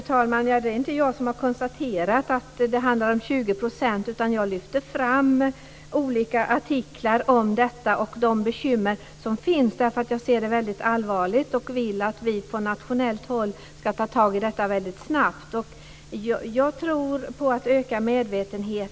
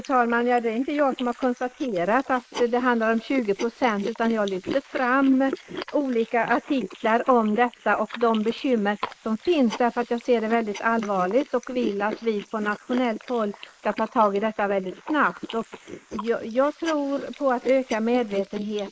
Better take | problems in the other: first | noise reduction (neural mask model Resemble Enhance denoiser)

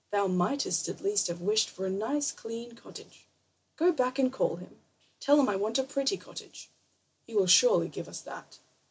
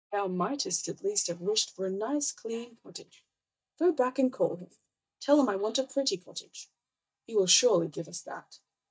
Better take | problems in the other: first | noise reduction (neural mask model DeepFilterNet 3)

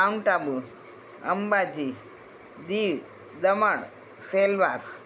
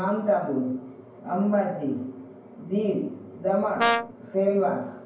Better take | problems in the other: first | background sound (Brass instrument); 3 dB above the speech // room echo; dies away in 0.9 s

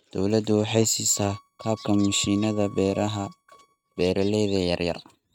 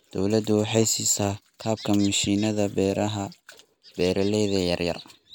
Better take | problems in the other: second | noise reduction (neural mask model RNNoise)

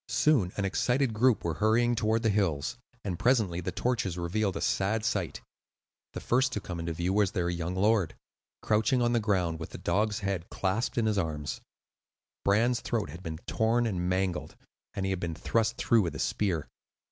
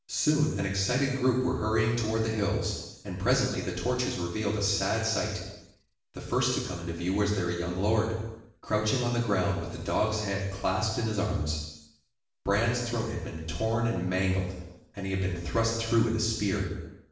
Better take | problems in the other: first | room echo; dies away in 0.9 s

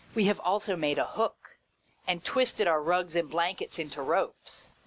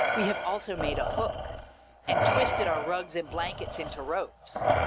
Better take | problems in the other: first | background sound (Respiratory sounds); 3 dB above the speech

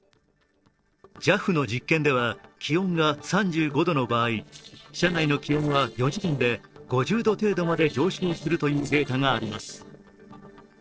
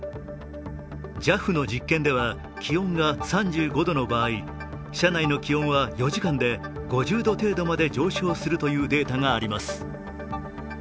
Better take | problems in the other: second | noise reduction (neural separator model SepFormer DNS4)

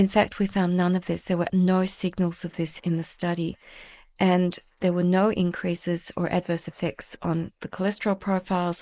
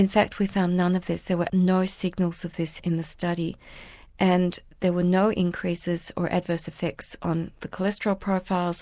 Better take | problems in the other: second | noise reduction (neural mask model Resemble Enhance denoiser)

